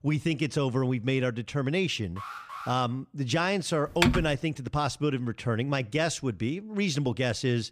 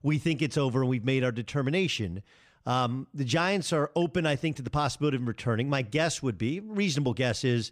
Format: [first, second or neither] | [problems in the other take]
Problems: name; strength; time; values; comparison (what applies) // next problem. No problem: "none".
second | alarm; faint; at 2 s; peak 10 dB below the speech // keyboard typing; loud; at 4 s; peak 3 dB above the speech